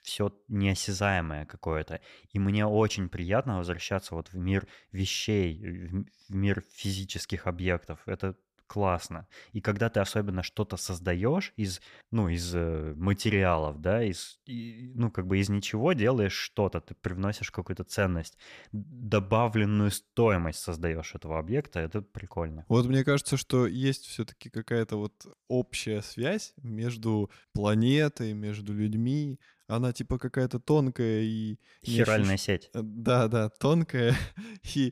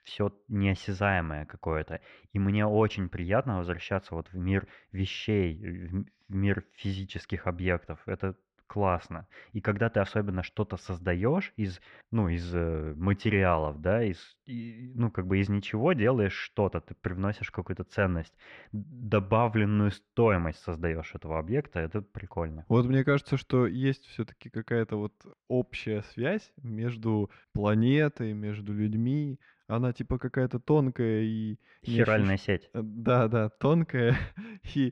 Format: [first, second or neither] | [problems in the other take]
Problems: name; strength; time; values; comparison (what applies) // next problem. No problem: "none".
first | muffled; slightly; fading above 2 kHz